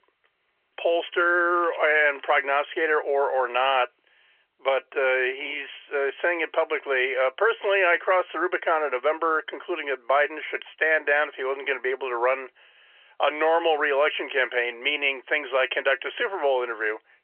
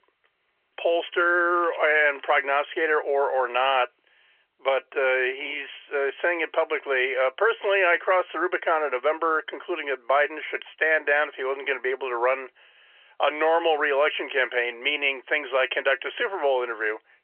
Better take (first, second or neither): neither